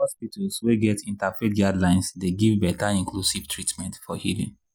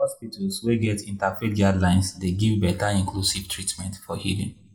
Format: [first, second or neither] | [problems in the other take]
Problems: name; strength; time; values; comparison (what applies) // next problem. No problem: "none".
first | room echo; dies away in 0.3 s